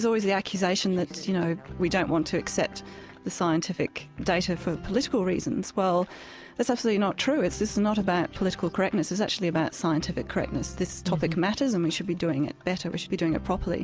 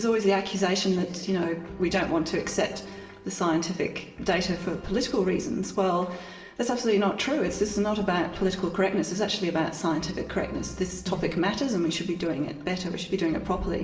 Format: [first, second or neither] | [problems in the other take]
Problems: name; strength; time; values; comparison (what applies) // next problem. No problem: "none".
first | room echo; dies away in 0.8 s